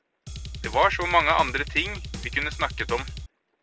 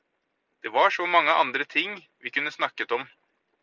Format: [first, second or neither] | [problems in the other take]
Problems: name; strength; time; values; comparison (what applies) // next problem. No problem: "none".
second | background sound (Drum kit); 9 dB below the speech